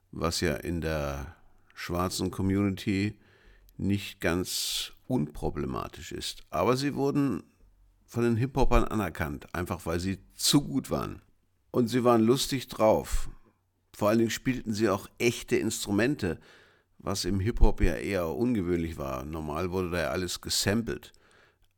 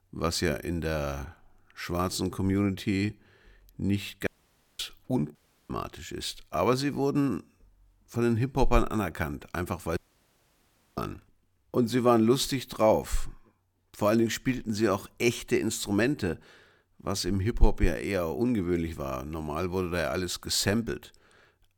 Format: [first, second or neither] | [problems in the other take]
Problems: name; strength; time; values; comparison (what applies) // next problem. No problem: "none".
first | audio cutting out; at 4.5 s for 0.5 s, at 5.5 s and at 10 s for 1 s